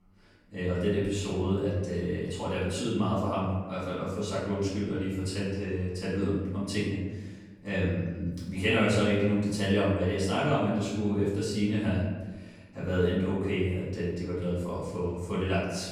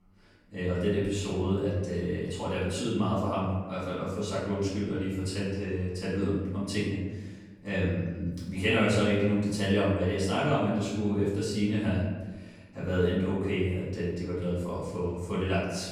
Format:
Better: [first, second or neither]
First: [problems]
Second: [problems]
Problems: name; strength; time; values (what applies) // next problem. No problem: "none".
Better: neither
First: off-mic speech; far // room echo; noticeable; dies away in 1.2 s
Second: off-mic speech; far // room echo; noticeable; dies away in 1.2 s